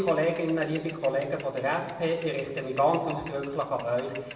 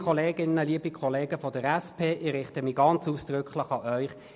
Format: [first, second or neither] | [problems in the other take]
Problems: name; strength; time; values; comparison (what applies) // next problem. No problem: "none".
second | background sound (Mechanisms / Bicycle); 18 dB below the speech // room echo; dies away in 1.2 s